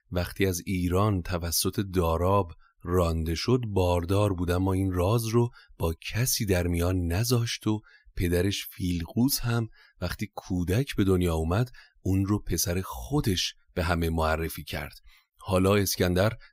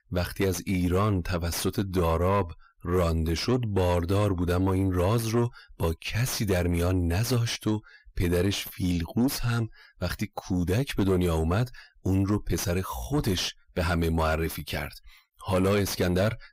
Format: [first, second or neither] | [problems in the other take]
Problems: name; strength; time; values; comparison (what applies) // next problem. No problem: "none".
first | distortion; slight; 9 dB below the speech